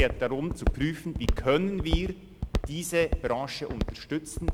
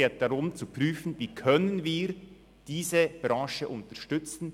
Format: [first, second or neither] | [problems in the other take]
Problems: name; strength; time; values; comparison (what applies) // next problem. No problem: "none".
second | background sound (Walk, footsteps); 1 dB below the speech